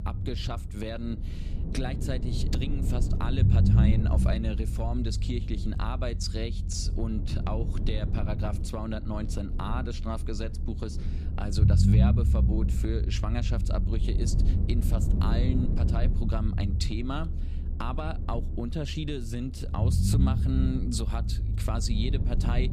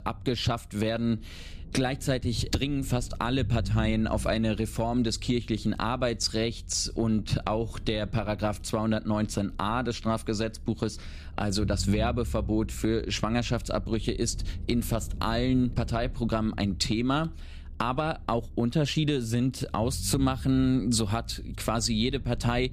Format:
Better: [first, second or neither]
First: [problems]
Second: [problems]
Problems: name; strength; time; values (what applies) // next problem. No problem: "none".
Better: second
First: low rumble; loud; throughout; 4 dB below the speech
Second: low rumble; faint; throughout; 25 dB below the speech